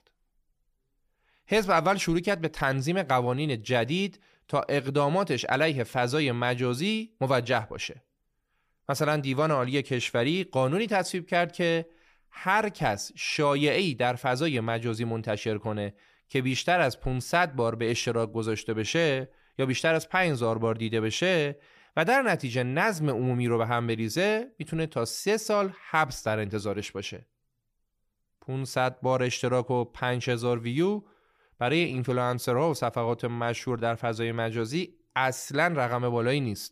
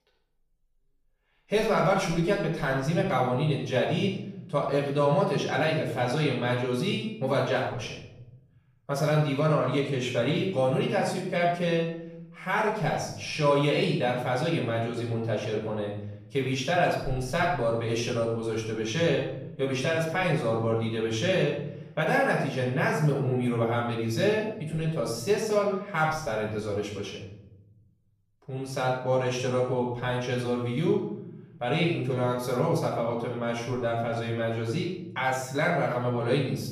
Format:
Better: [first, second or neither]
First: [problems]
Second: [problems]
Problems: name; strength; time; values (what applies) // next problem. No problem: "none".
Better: first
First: none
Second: off-mic speech; far // room echo; noticeable; dies away in 0.8 s